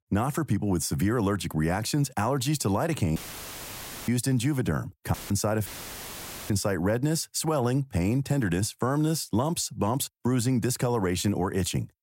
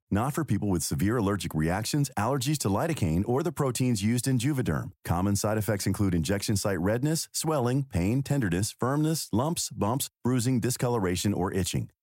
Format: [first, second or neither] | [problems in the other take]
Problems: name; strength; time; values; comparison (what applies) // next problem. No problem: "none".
second | audio cutting out; filled with static; at 3 s for 1 s, at 5 s and at 5.5 s for 1 s